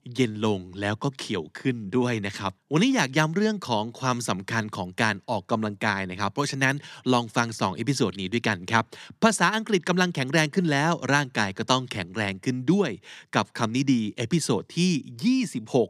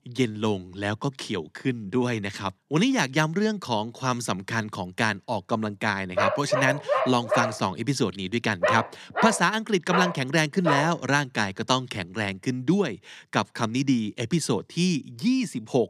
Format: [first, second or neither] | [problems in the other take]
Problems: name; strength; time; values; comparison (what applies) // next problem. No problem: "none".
first | dog barking; loud; from 6 to 11 s; peak 1 dB above the speech